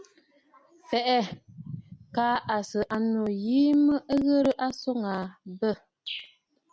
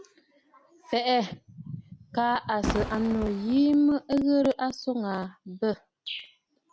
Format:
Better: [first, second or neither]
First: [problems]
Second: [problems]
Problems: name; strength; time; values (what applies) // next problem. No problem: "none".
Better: first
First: none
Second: background sound (Fireworks); 6 dB below the speech